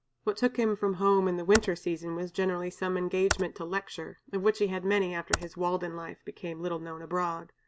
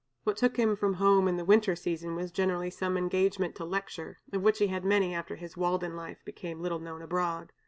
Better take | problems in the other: second | background sound (Computer keyboard); 9 dB below the speech

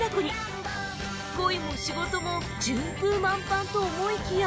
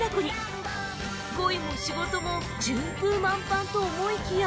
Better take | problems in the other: first | background sound (Trumpet + Drum / Drum kit); 15 dB below the speech

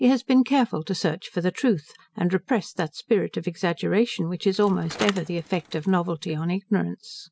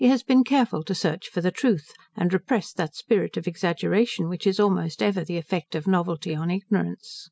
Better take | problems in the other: second | background sound (Bicycle); 14 dB below the speech

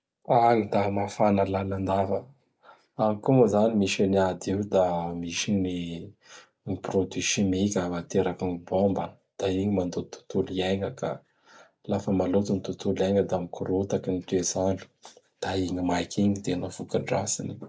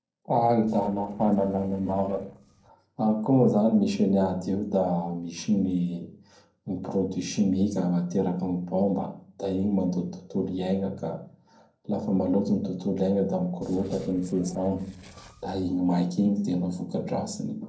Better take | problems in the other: first | noise reduction (neural separator model SepFormer DNS4)

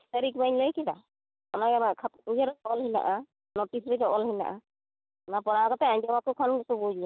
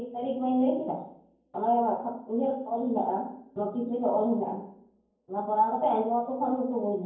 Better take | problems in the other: first | room echo; dies away in 0.9 s

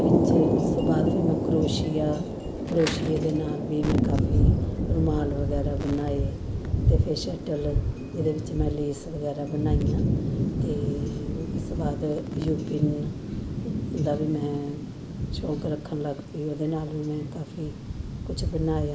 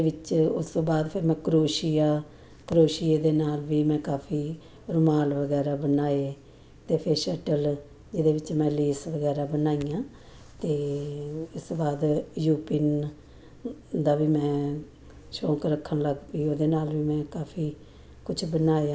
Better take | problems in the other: second | background sound (Thunder); 3 dB above the speech

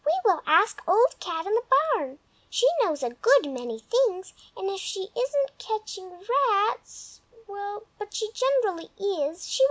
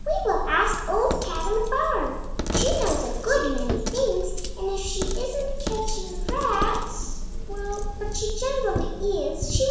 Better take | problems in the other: first | background sound (Coin (dropping)); 2 dB below the speech // room echo; dies away in 1.1 s

